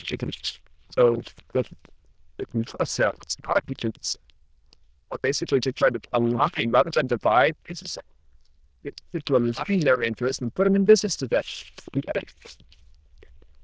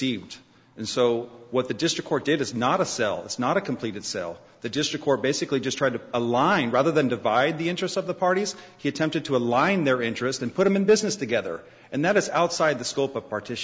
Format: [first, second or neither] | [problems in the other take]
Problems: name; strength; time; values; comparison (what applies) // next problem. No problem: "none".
second | noise reduction (neural diffusion model UNIVERSE++)